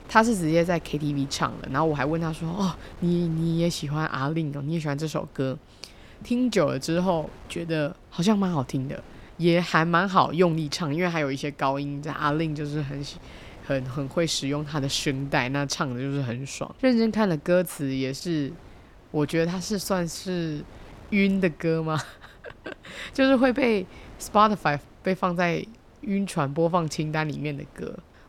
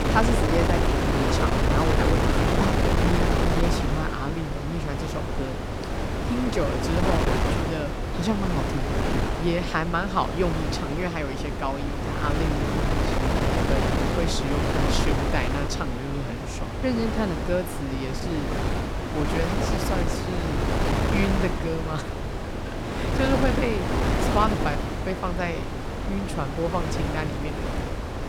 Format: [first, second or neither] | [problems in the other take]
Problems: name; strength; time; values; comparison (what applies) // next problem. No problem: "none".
first | wind noise on the microphone; heavy; 2 dB above the speech; occasional gusts in the first